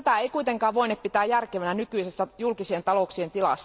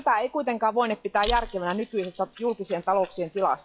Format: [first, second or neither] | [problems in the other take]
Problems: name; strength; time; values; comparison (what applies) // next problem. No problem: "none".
first | noise reduction (classical method log-MMSE)